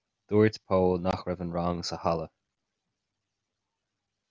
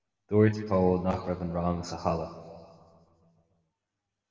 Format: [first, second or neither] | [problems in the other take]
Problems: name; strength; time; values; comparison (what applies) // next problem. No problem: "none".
first | room echo; dies away in 1.8 s